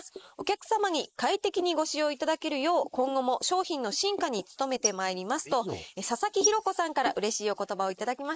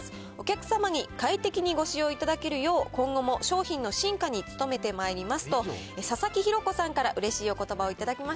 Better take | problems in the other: second | noise reduction (neural mask model Resemble Enhance denoiser)

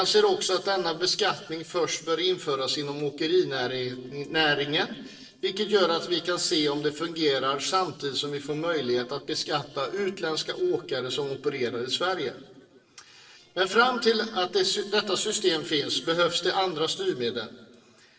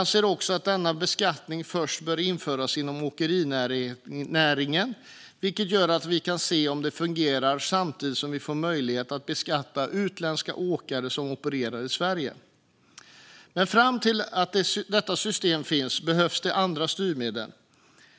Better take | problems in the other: second | noise reduction (neural separator model SepFormer DNS4)

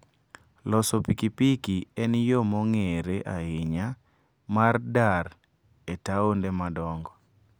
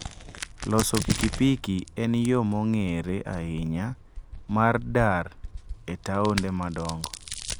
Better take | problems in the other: first | background sound (Crack); 10 dB below the speech

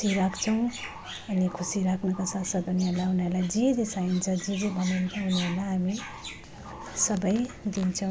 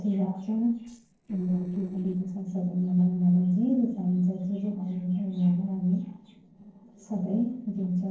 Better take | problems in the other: first | noise reduction (neural separator model SepFormer DNS4)

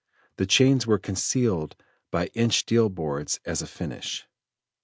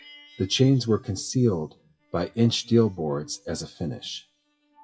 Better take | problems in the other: first | noise reduction (classical method WPE with log-MMSE)

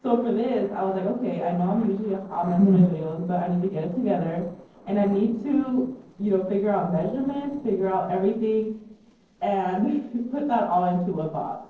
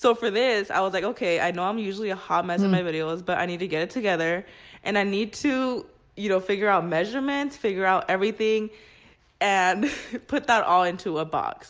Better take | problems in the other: second | noise reduction (neural separator model SepFormer DNS4)

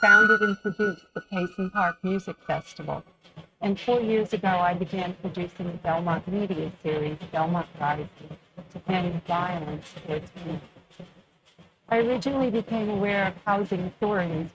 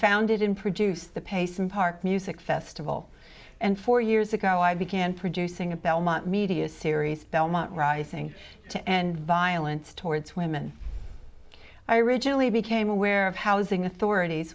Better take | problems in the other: second | noise reduction (neural mask model RNNoise)

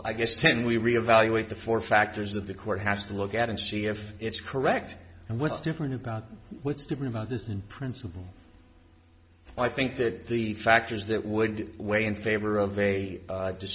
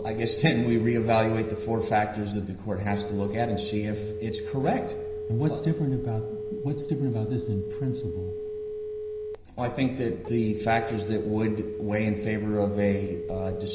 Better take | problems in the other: first | background sound (Telephone); 7 dB below the speech // room echo; dies away in 0.9 s

